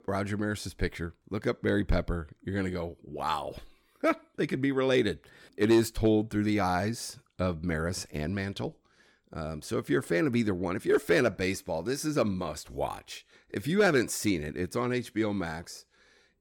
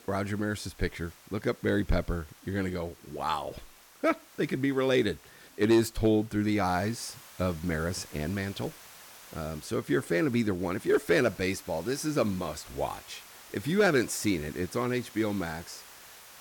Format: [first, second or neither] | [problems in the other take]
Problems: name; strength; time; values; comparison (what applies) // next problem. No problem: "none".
first | hiss; noticeable; throughout; 20 dB below the speech